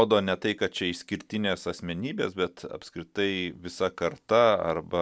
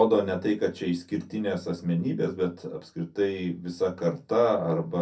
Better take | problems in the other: first | room echo; dies away in 0.3 s

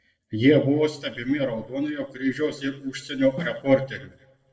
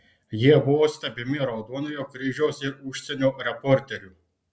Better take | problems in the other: second | noise reduction (neural separator model SepFormer DNS4)

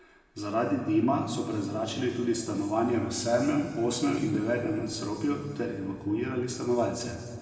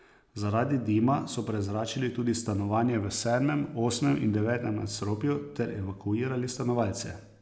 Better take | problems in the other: second | room echo; dies away in 2.1 s

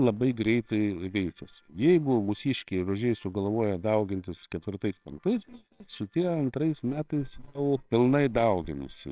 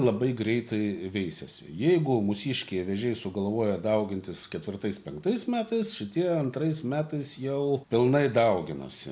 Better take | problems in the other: second | noise reduction (neural separator model SepFormer WHAMR!)

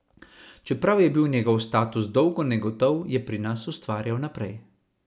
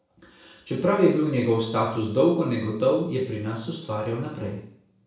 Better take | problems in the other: first | room echo; dies away in 0.6 s

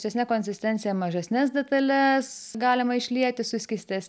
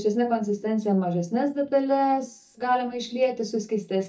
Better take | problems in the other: first | noise reduction (neural mask model DeepFilterNet 3)

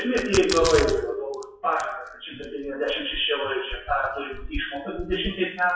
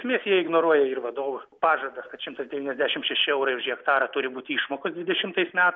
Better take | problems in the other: second | noise reduction (classical method WPE with log-MMSE)

